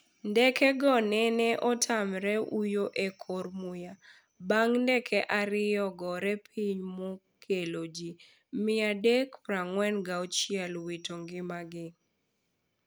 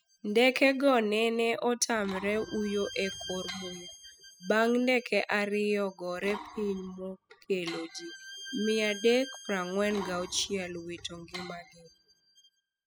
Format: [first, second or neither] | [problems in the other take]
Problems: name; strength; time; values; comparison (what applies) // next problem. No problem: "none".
first | noise reduction (classical method spectral subtraction)